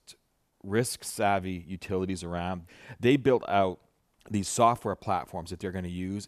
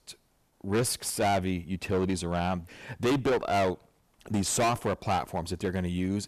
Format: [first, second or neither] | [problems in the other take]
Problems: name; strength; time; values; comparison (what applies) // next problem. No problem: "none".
first | distortion; heavy; 14% of the sound clipped